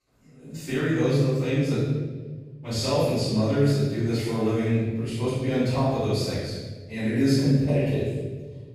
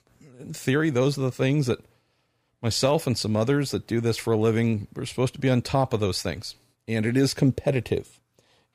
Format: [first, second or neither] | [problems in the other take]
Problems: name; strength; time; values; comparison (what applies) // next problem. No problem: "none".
second | off-mic speech; far // room echo; strong; dies away in 1.4 s